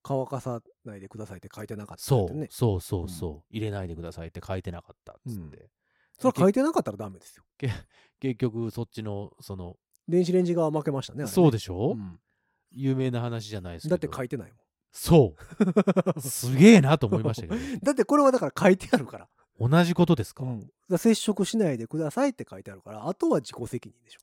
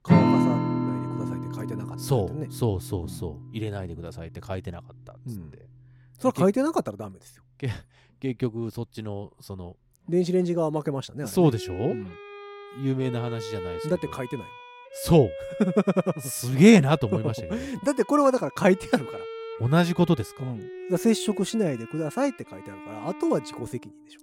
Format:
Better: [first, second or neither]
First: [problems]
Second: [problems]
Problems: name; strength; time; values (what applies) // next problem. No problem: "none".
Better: first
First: none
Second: background music; loud; throughout; 7 dB below the speech